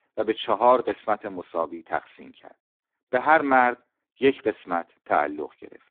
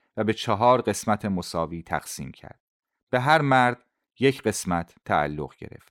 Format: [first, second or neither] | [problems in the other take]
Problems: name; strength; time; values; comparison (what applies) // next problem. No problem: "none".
second | phone-call audio; poor line